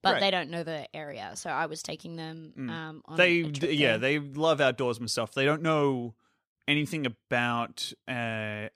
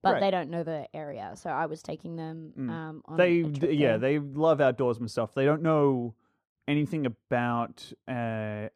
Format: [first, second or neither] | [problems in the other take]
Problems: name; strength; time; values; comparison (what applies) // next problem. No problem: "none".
first | muffled; slightly; fading above 1.5 kHz